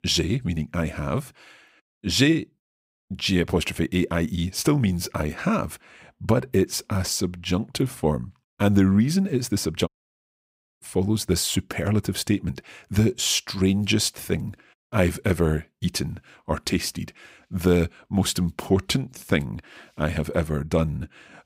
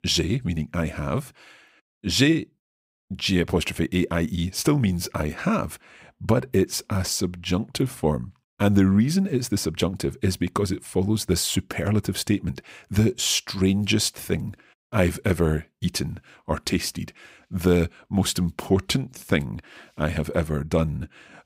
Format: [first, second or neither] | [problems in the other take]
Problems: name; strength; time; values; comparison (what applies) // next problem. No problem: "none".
second | audio cutting out; at 10 s for 1 s